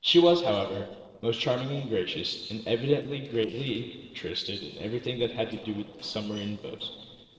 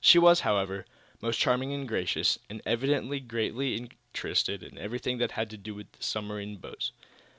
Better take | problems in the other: second | noise reduction (neural separator model SepFormer DNS4)

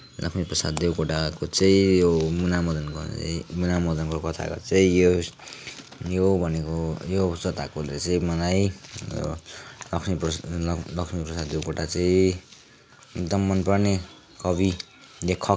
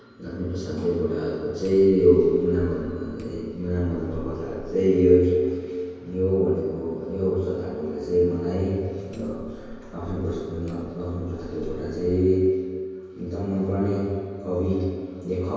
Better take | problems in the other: first | background sound (Hammer); 18 dB below the speech // room echo; dies away in 2.2 s

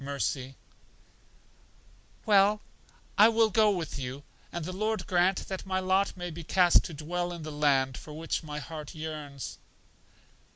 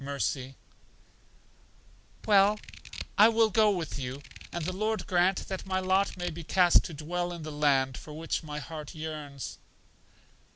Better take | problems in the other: first | background sound (Scissors); 15 dB below the speech

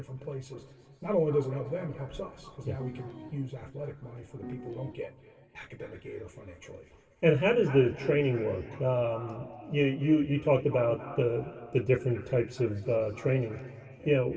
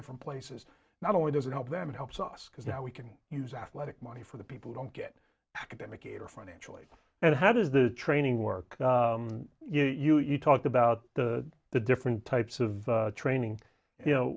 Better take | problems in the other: second | background sound (Piano); 13 dB below the speech // room echo; dies away in 2.9 s

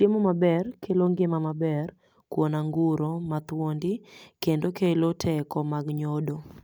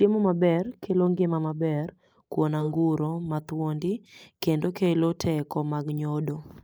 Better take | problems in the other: first | noise reduction (neural mask model Resemble Enhance denoiser)

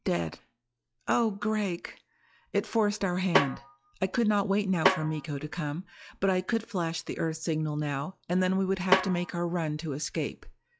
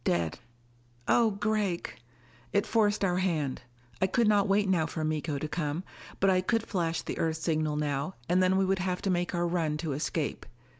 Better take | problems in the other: second | noise reduction (classical method log-MMSE)

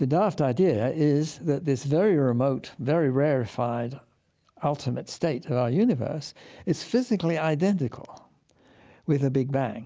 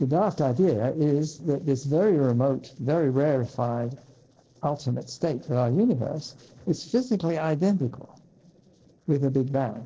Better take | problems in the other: first | noise reduction (neural separator model SepFormer DNS4)

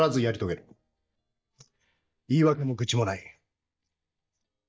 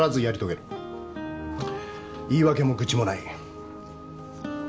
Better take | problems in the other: second | noise reduction (neural mask model DeepFilterNet 3)

